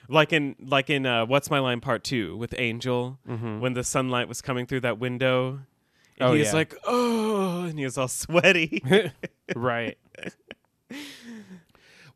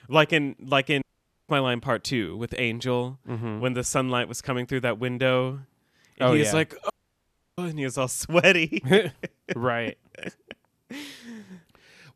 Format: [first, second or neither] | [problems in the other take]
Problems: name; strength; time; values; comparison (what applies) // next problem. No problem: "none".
first | audio cutting out; at 1 s and at 7 s for 0.5 s